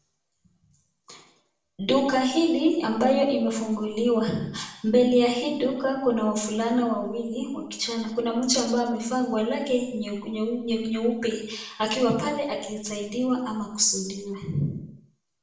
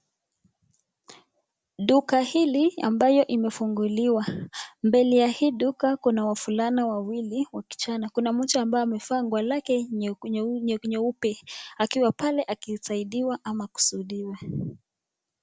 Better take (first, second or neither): second